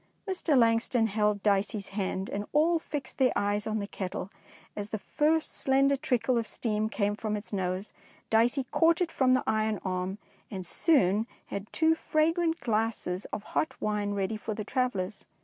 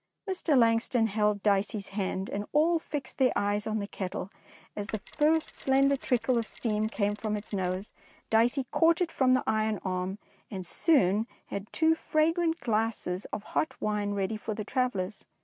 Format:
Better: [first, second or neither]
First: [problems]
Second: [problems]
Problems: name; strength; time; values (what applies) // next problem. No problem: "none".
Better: first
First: none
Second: noise reduction (neural mask model RNNoise)